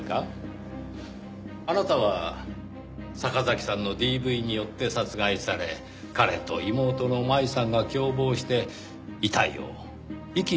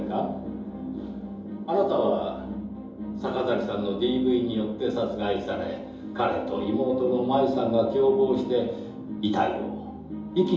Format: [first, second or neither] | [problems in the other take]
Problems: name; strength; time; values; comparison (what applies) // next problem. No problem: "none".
first | room echo; dies away in 2.8 s